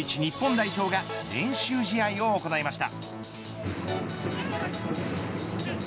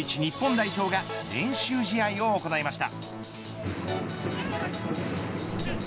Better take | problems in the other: first | background sound (Sink (filling or washing) / Water tap, faucet); 19 dB below the speech

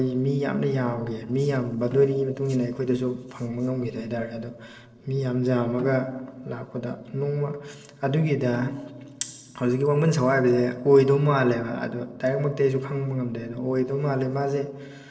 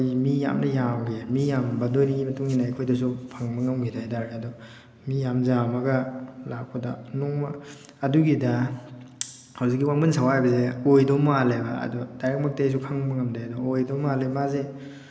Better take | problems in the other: second | noise reduction (neural separator model SepFormer DNS4)

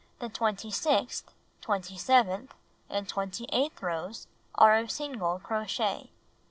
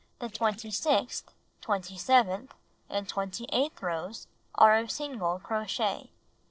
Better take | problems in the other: first | noise reduction (neural separator model SepFormer DNS4)

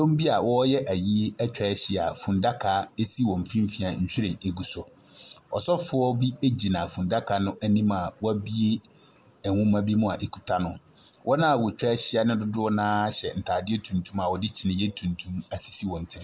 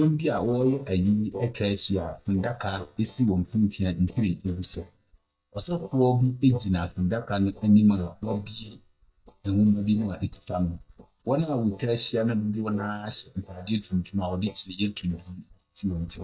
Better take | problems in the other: first | noise reduction (neural mask model DeepFilterNet 3)

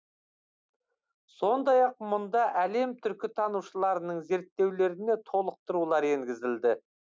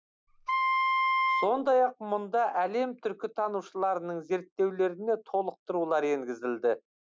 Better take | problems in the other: first | background sound (Wind instrument, woodwind instrument); 2 dB above the speech

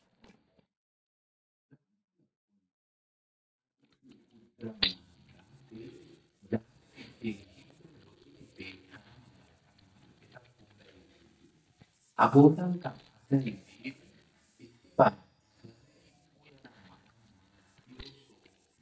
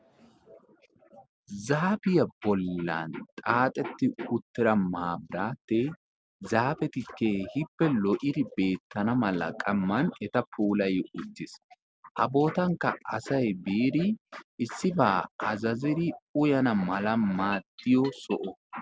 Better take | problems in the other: second | noise reduction (neural mask model DeepFilterNet 3)

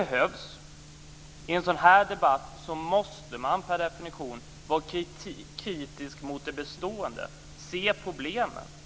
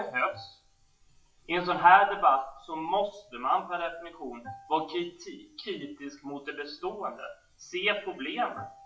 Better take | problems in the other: first | noise reduction (classical method WPE with log-MMSE)

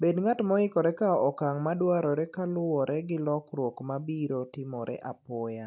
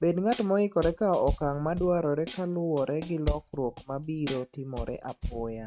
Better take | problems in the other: first | noise reduction (neural mask model RNNoise)

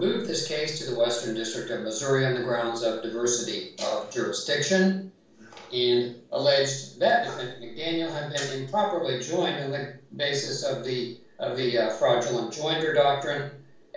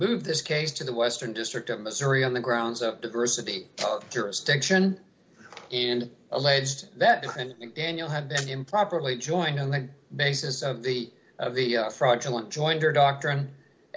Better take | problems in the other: second | room echo; dies away in 0.4 s

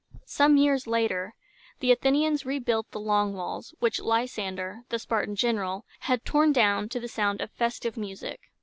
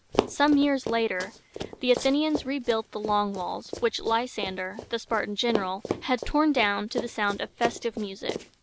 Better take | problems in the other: first | background sound (Run); 9 dB below the speech

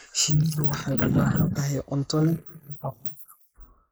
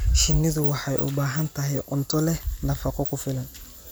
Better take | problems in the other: second | noise reduction (neural mask model Resemble Enhance denoiser)

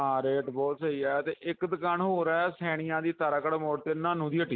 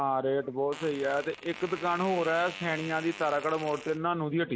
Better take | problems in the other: first | background sound (Fart); 14 dB below the speech

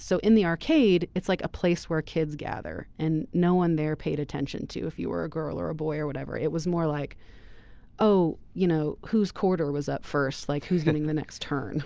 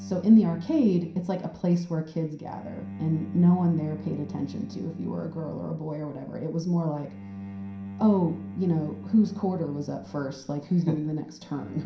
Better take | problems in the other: first | background sound (Bowed string instrument); 14 dB below the speech // room echo; dies away in 0.5 s

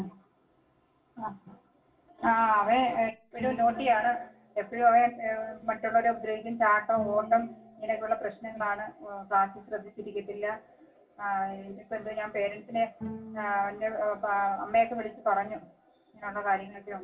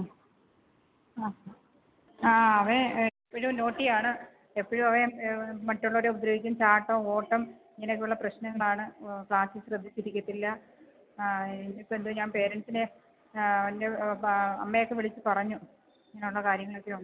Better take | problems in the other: second | background sound (Bowed string instrument); 16 dB below the speech // room echo; dies away in 0.2 s

